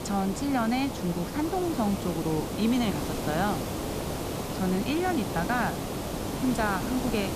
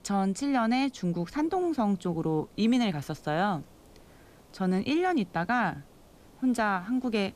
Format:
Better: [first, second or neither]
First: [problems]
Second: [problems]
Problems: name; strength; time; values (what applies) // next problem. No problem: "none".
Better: second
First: hiss; loud; throughout; 4 dB below the speech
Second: hiss; faint; throughout; 30 dB below the speech